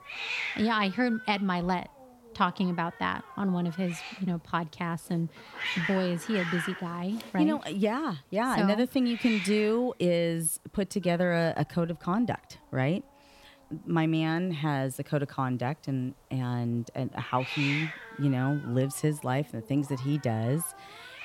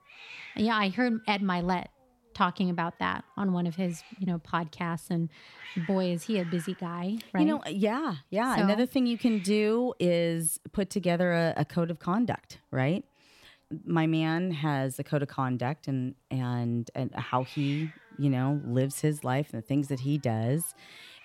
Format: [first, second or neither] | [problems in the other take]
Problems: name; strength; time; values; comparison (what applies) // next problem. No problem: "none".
second | hiss; loud; throughout; 8 dB below the speech; faint in the second